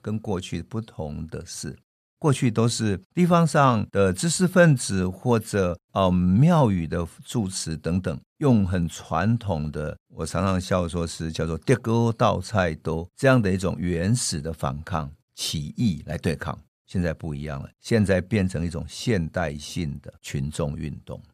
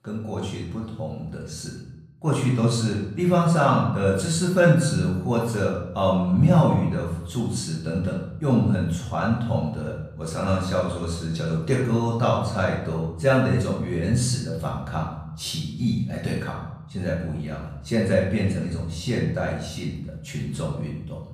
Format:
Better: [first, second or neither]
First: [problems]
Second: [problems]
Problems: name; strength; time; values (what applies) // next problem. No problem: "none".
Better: first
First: none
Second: room echo; noticeable; dies away in 0.7 s // off-mic speech; far